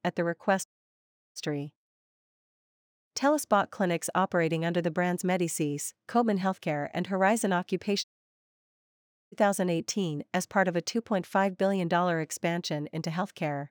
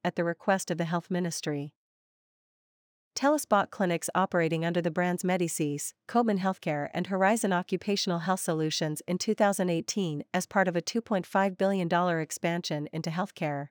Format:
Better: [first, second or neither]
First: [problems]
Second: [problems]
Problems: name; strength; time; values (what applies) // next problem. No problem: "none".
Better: second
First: audio cutting out; at 0.5 s for 0.5 s and at 8 s for 1.5 s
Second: none